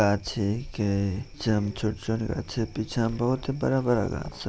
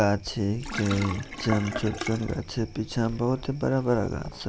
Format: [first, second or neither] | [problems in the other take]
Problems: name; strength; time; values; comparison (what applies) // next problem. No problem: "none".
first | background sound (Sink (filling or washing)); 10 dB below the speech